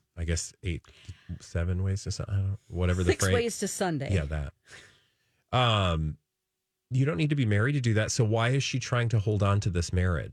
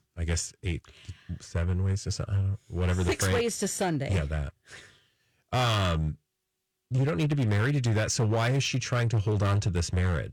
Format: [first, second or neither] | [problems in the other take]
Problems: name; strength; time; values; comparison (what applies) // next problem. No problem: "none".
first | distortion; slight; 10% of the sound clipped